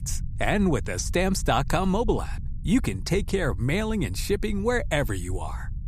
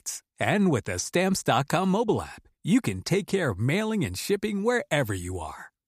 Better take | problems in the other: second | low rumble; faint; throughout; 25 dB below the speech

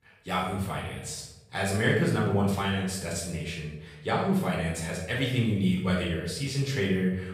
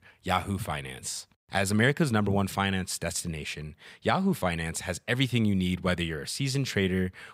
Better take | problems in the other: second | off-mic speech; far // room echo; noticeable; dies away in 0.8 s

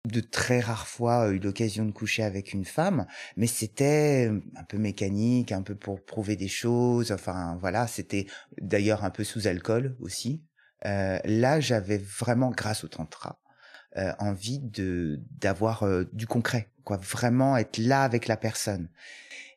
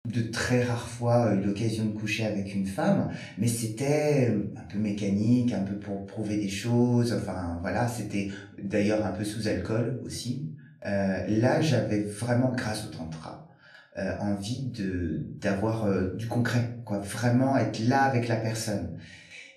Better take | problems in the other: first | off-mic speech; far // room echo; slight; dies away in 0.4 s

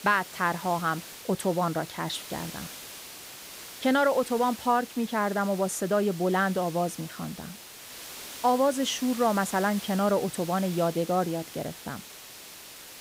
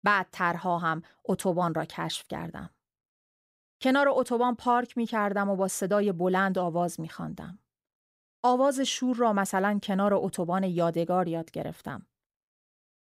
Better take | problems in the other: second | hiss; noticeable; throughout; 15 dB below the speech

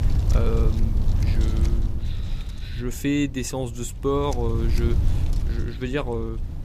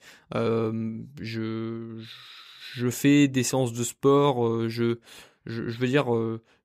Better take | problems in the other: second | wind noise on the microphone; heavy; 10 dB below the speech

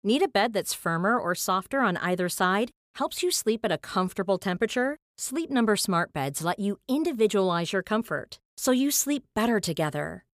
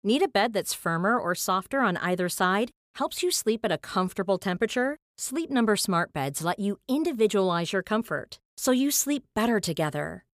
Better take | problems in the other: neither | none

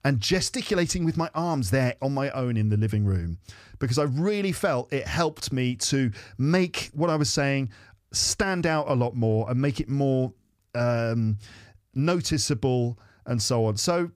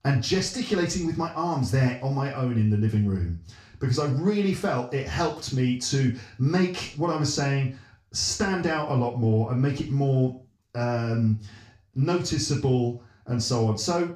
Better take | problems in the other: first | room echo; slight; dies away in 0.4 s // off-mic speech; far

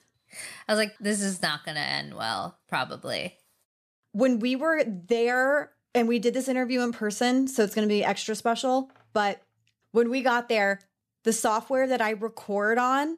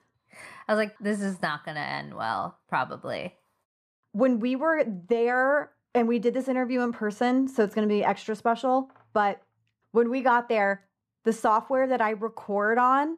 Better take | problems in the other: first | muffled; slightly; fading above 3 kHz

